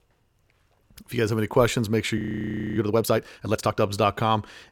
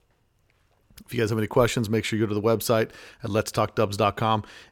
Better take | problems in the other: second | audio freezing; at 2 s for 0.5 s

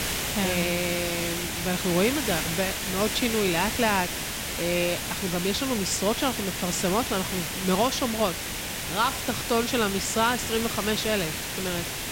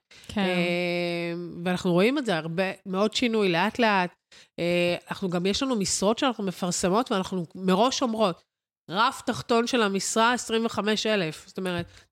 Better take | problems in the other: second | hiss; loud; throughout; 2 dB below the speech

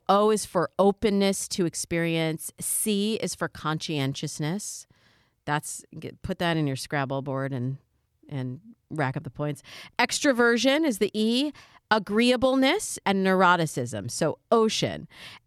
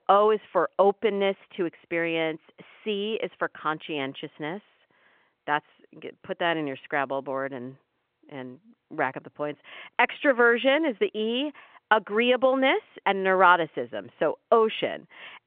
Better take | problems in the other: first | phone-call audio; nothing above 3.5 kHz

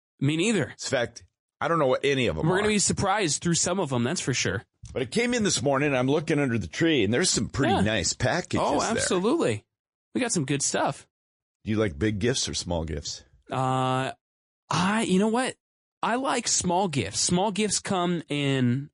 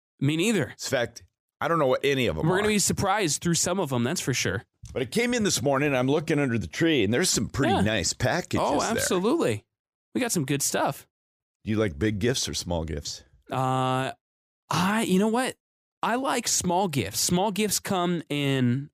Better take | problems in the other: second | garbled, watery; slightly; nothing above 10.5 kHz

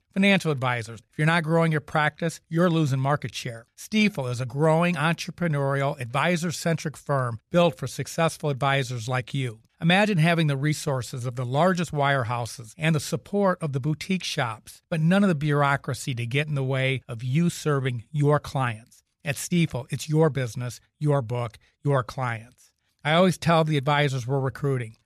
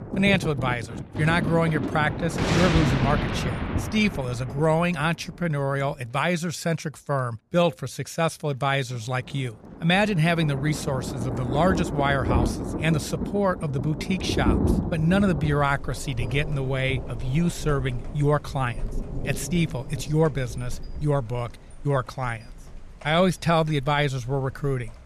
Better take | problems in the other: first | rain or running water; loud; throughout; 5 dB below the speech

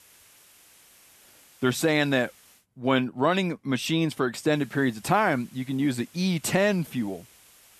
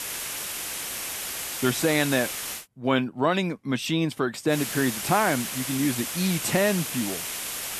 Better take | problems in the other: first | hiss; loud; until 2.5 s and from 4.5 s on; 4 dB below the speech; faint in the first

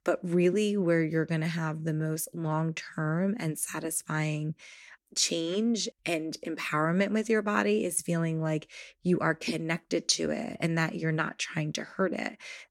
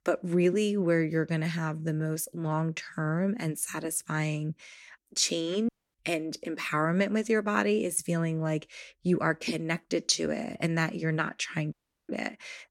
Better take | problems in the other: first | audio cutting out; at 5.5 s and at 12 s

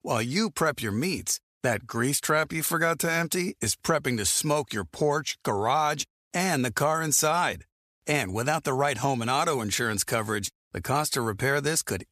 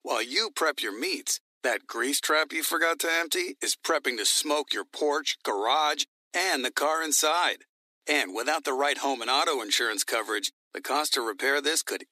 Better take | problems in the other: first | thin; somewhat; fading below 250 Hz

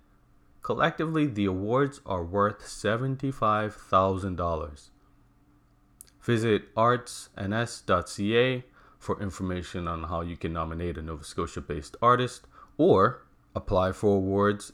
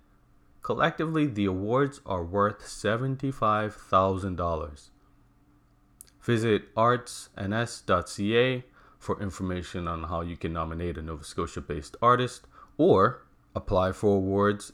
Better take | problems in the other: neither | none

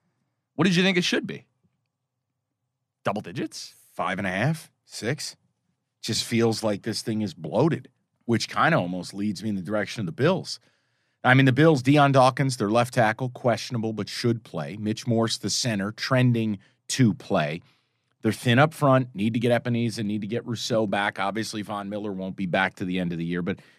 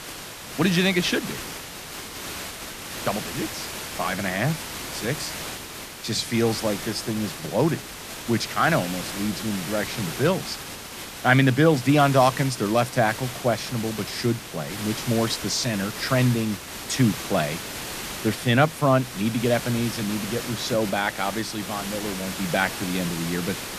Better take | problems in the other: first | hiss; loud; throughout; 8 dB below the speech

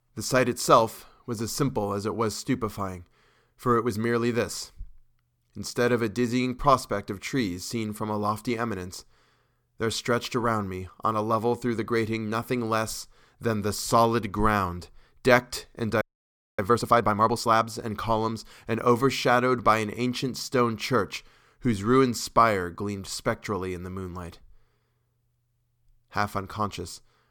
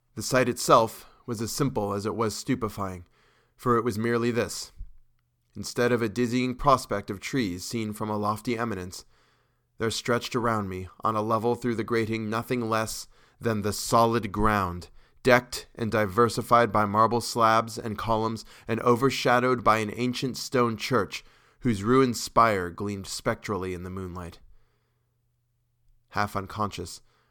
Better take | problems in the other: second | audio freezing; at 16 s for 0.5 s

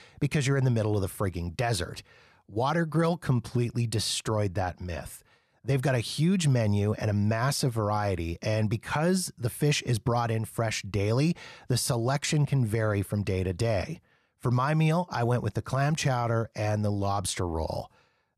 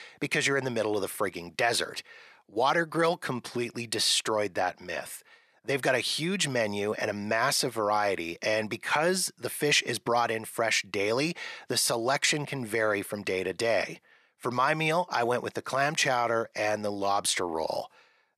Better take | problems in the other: first | thin; somewhat; fading below 350 Hz

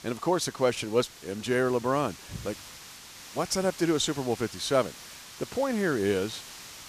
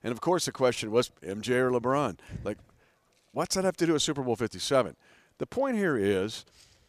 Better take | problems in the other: second | hiss; noticeable; throughout; 15 dB below the speech

